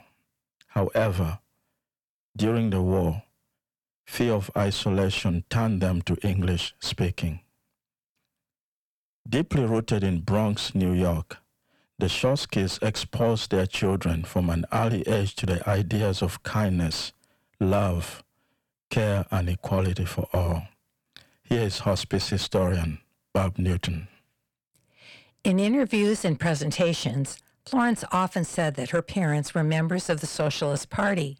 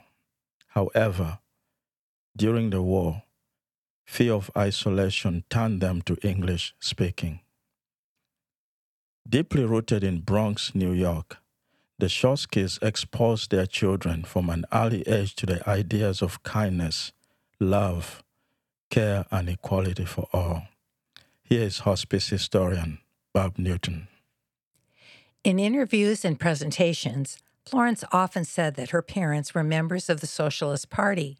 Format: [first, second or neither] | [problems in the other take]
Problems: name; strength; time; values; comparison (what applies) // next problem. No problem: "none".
second | distortion; slight; 10 dB below the speech